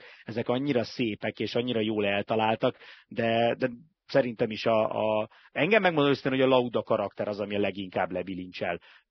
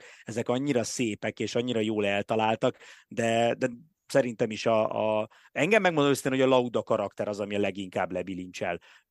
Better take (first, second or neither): second